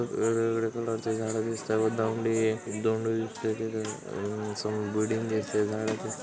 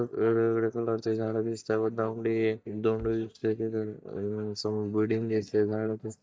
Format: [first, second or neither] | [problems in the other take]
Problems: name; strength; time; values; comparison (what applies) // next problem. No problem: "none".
first | noise reduction (neural mask model DeepFilterNet 3)